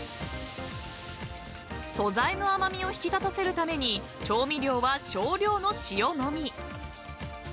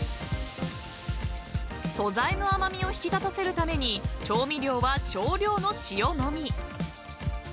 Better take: first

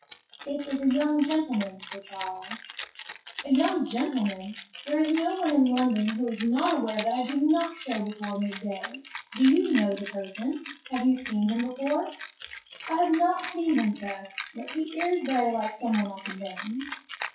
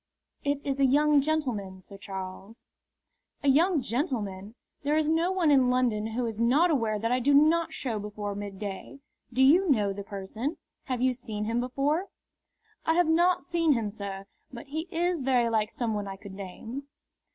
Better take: second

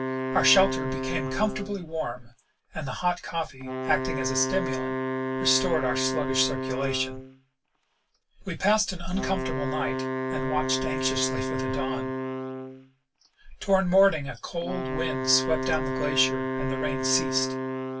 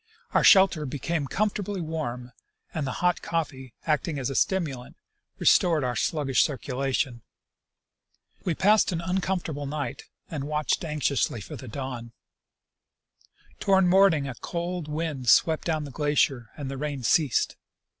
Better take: second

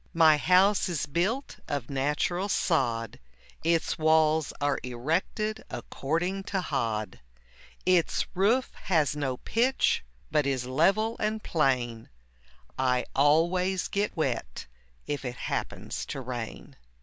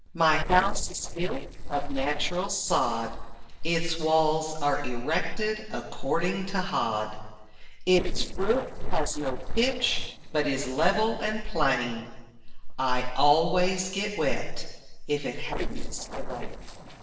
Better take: first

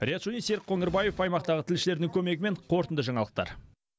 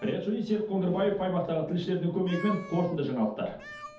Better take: first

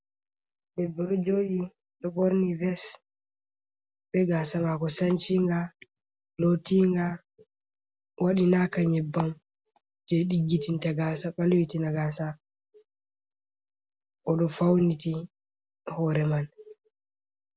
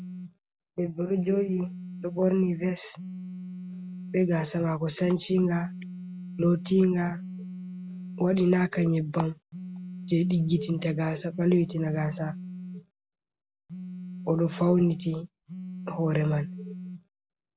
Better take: first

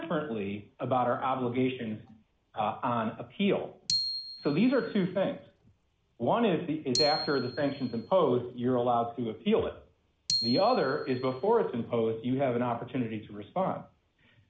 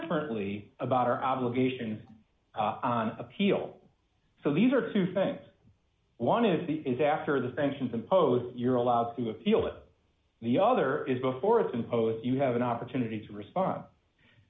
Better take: second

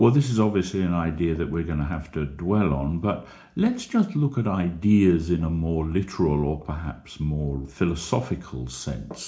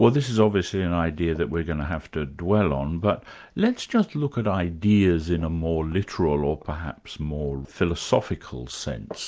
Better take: second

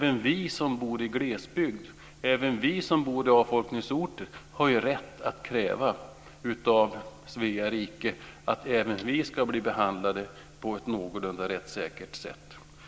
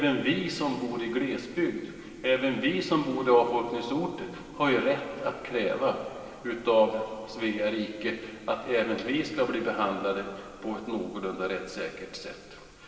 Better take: first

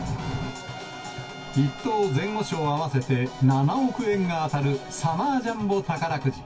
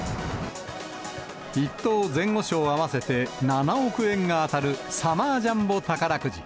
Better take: second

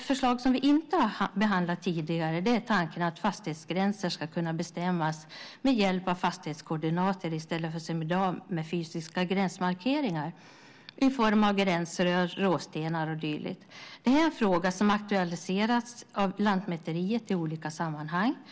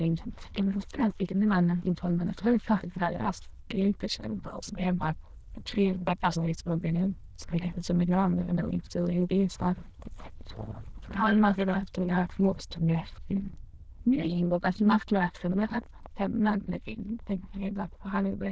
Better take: first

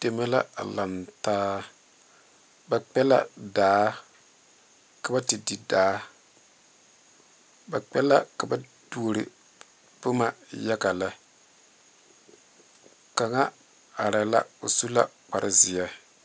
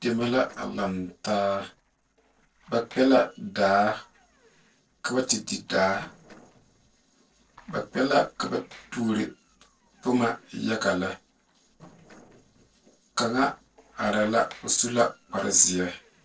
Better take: first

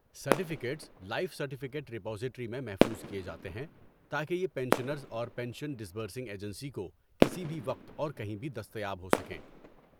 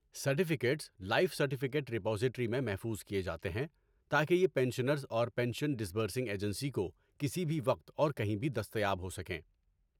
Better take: second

